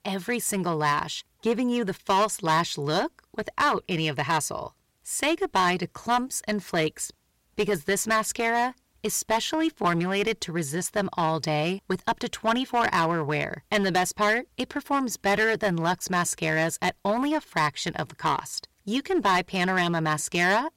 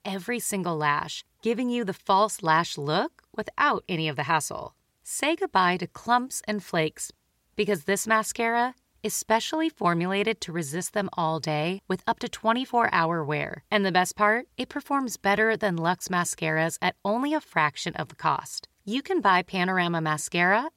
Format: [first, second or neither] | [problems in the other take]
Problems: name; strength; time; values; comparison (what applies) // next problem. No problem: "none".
second | distortion; slight; 6% of the sound clipped